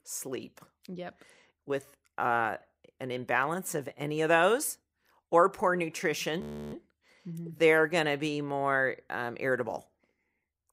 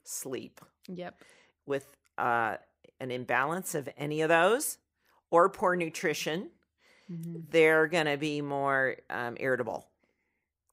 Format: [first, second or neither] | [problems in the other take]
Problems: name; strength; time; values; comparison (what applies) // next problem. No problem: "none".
second | audio freezing; at 6.5 s